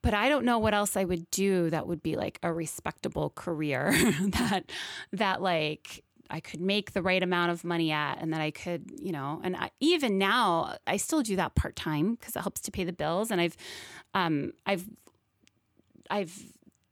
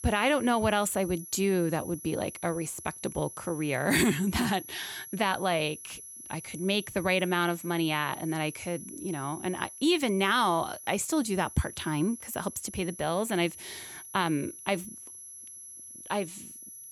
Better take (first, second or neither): first